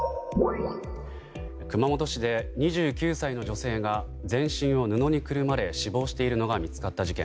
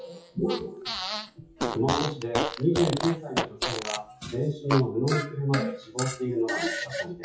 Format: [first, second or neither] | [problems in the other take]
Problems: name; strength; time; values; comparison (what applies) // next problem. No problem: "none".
first | noise reduction (classical method WPE with log-MMSE)